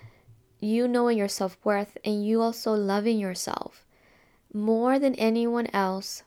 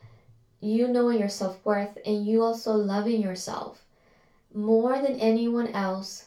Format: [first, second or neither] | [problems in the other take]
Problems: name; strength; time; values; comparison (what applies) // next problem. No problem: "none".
first | room echo; slight; dies away in 0.3 s // off-mic speech; far